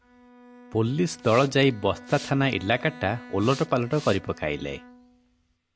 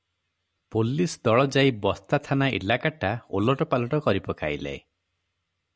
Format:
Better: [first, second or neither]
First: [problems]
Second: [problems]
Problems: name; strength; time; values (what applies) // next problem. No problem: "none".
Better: second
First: background sound (Bowed string instrument + Hiss); 19 dB below the speech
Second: none